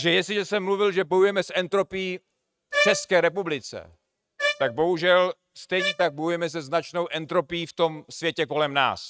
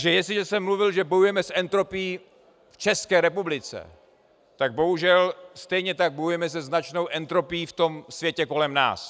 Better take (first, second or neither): second